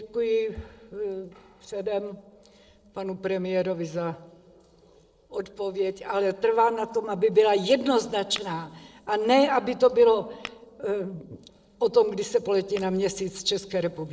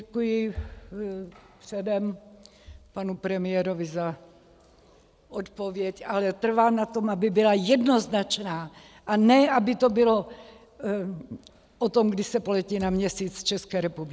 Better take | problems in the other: second | noise reduction (neural separator model SepFormer DNS4)

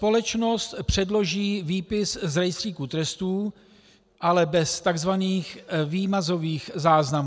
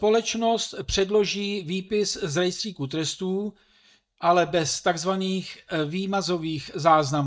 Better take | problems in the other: first | noise reduction (neural mask model DeepFilterNet 3)

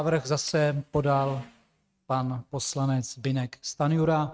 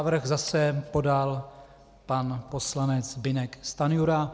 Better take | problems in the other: second | noise reduction (neural mask model RNNoise)

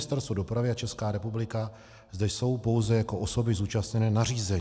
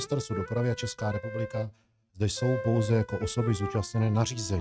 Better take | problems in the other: first | noise reduction (neural mask model RNNoise)

